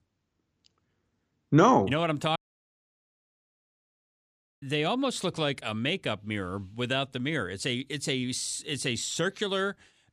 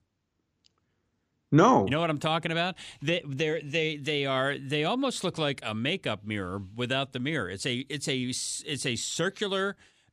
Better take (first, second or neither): second